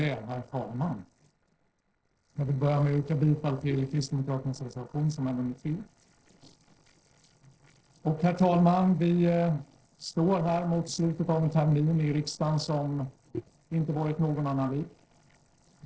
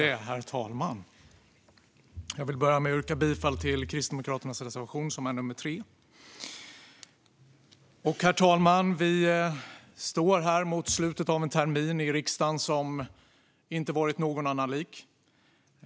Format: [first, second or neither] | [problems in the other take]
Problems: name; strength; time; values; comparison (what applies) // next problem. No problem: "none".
second | noise reduction (neural separator model SepFormer DNS4)